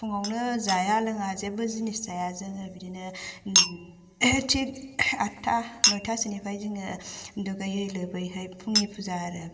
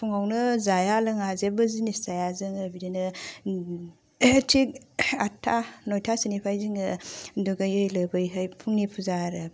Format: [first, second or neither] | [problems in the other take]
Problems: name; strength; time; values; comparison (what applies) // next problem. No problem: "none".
second | background sound (Chink, clink); 4 dB below the speech // room echo; dies away in 2.5 s